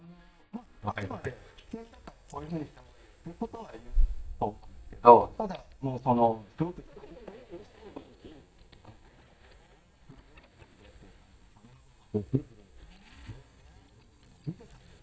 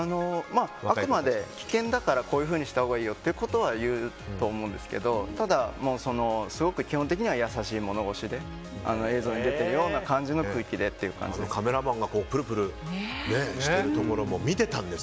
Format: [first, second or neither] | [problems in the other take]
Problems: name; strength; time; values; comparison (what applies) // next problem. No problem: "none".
second | noise reduction (neural mask model DeepFilterNet 3)